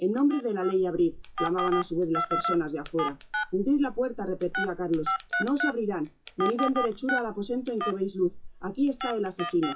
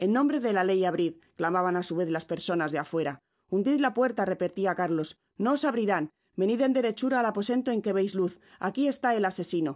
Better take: second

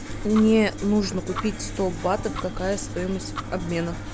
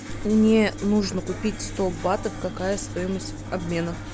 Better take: second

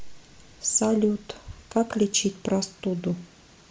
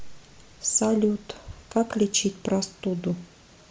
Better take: second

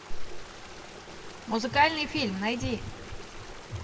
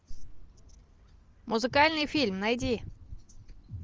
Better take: second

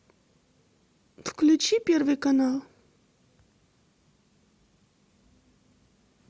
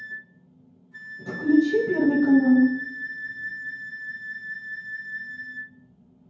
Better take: first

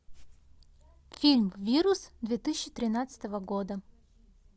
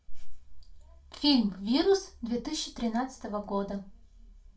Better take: first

